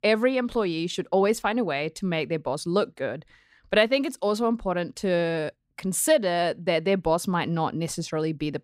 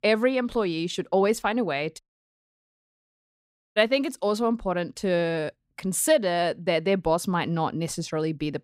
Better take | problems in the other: first | audio cutting out; at 2 s for 2 s

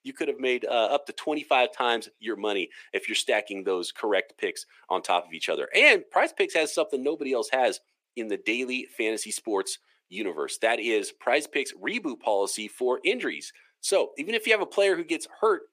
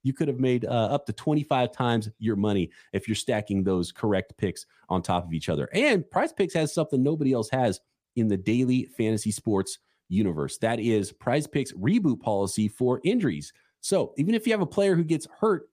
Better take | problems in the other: second | thin; very; fading below 350 Hz

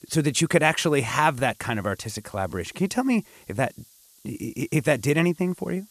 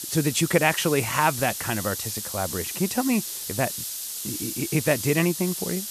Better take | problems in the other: first | hiss; loud; throughout; 5 dB below the speech; faint in the first

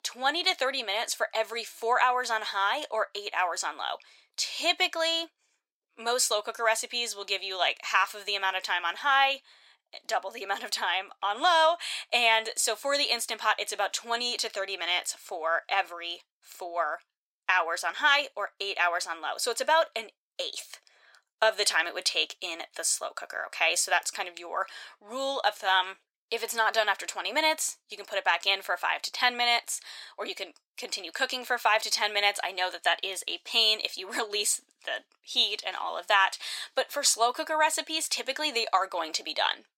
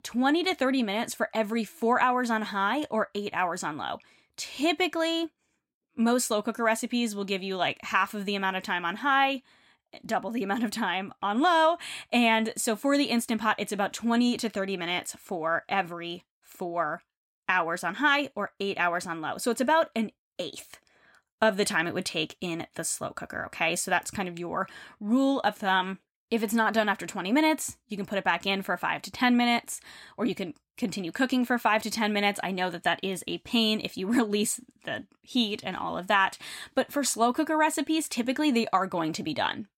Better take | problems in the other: second | thin; very; fading below 450 Hz

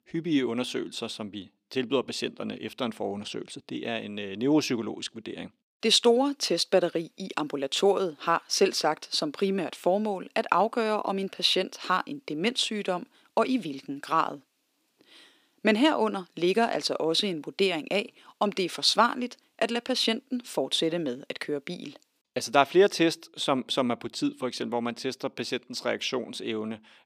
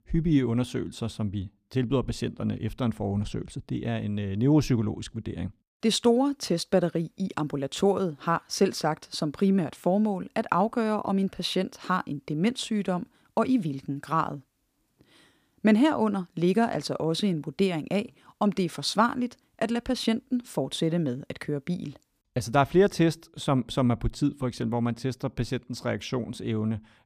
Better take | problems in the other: second | thin; very slightly; fading below 350 Hz

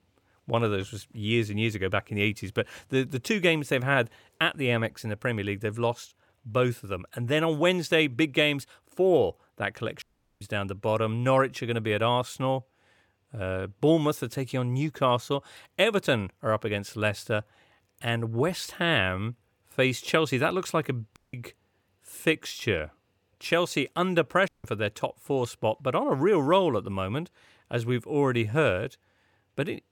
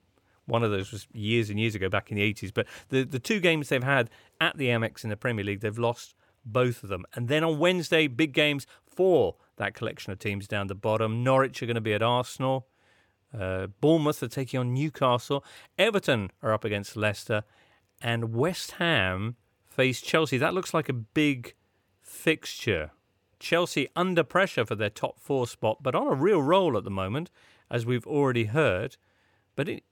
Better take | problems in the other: second | audio cutting out; at 10 s, at 21 s and at 24 s

